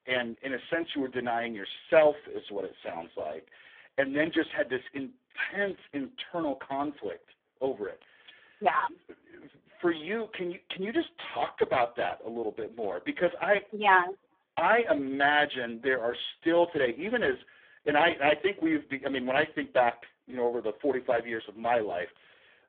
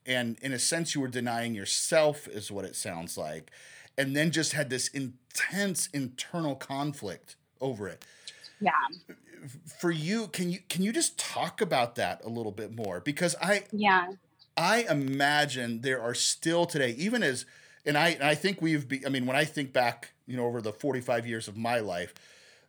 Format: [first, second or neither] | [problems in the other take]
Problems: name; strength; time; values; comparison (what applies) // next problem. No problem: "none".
second | phone-call audio; poor line